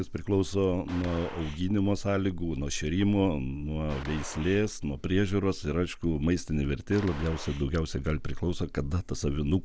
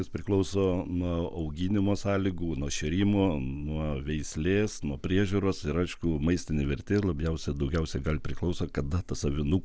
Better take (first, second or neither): second